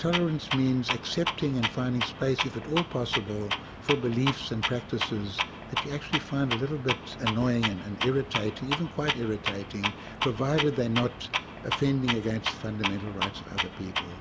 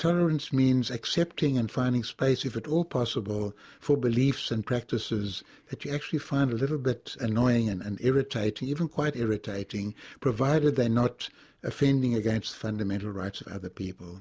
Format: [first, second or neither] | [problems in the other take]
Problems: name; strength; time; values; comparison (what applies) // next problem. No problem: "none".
second | background sound (Clock); 4 dB below the speech